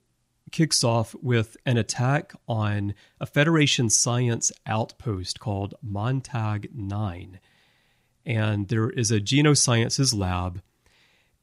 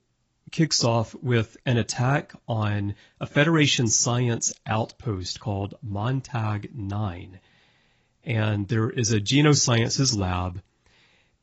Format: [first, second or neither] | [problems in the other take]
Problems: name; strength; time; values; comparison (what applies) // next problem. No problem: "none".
first | garbled, watery; badly; nothing above 7.5 kHz